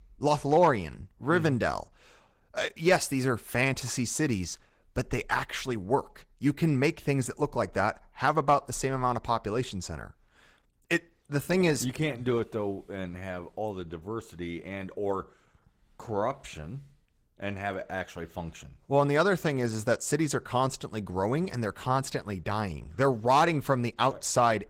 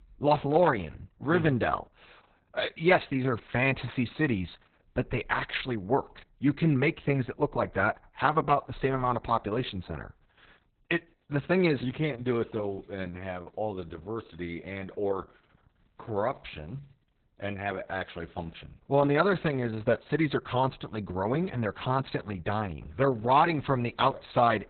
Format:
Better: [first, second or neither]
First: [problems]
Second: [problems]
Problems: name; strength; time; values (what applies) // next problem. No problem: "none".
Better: first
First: garbled, watery; slightly; nothing above 16.5 kHz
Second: garbled, watery; badly; nothing above 4 kHz